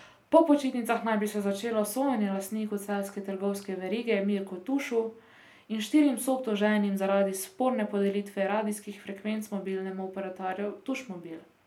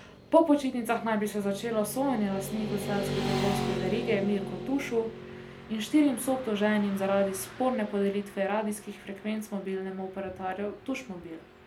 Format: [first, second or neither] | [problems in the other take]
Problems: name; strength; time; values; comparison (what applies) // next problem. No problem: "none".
first | background sound (Motorcycle / Traffic noise, roadway noise); 9 dB below the speech